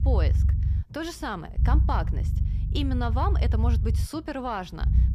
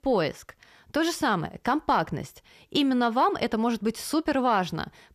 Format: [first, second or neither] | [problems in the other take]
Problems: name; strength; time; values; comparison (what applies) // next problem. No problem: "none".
second | low rumble; noticeable; throughout; 10 dB below the speech